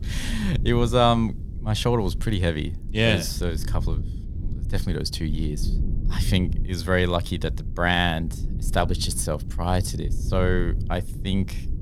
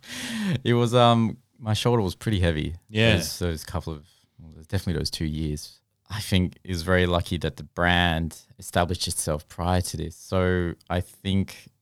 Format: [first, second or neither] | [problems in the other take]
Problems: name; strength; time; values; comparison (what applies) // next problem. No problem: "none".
second | low rumble; noticeable; throughout; 20 dB below the speech